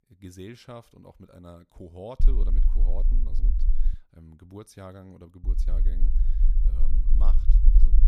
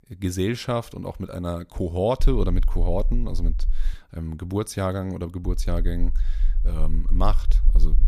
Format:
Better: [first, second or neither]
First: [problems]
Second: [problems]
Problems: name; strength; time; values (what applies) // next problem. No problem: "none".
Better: second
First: low rumble; loud; from 2 to 4 s and from 5.5 s on; 5 dB below the speech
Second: low rumble; faint; from 2 to 4 s and from 5.5 s on; 25 dB below the speech